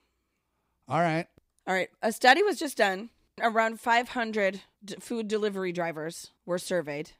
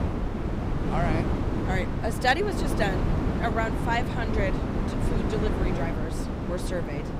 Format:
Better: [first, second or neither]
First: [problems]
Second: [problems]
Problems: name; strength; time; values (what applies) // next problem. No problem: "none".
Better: first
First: none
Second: wind noise on the microphone; heavy; 4 dB below the speech